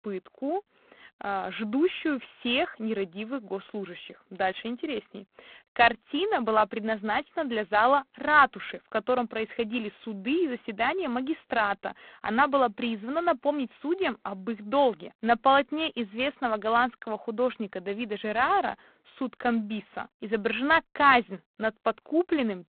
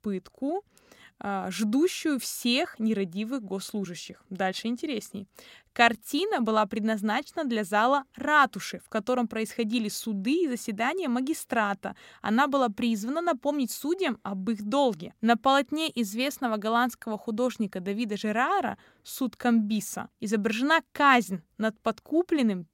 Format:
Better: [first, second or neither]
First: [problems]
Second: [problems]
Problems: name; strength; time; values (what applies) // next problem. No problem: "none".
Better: second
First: phone-call audio; poor line; nothing above 4 kHz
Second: none